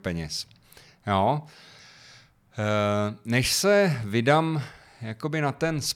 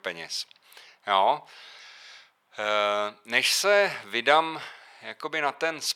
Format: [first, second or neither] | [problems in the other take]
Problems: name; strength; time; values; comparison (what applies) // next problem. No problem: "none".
first | thin; very; fading below 500 Hz